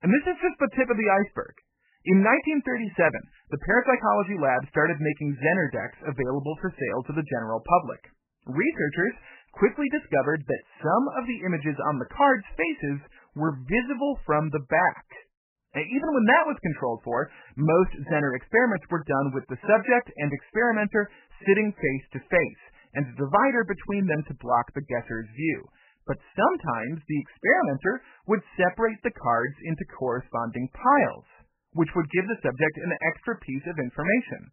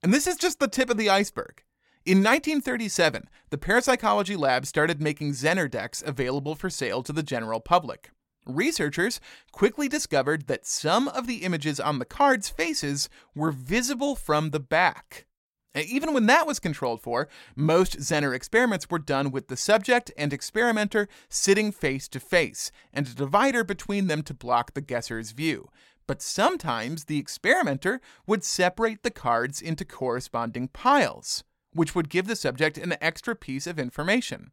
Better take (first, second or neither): second